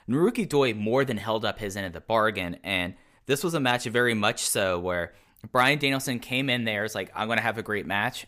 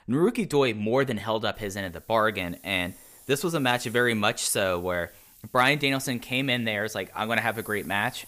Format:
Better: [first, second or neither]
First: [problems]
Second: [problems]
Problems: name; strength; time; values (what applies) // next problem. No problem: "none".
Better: first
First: none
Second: hiss; faint; from 1.5 s on; 25 dB below the speech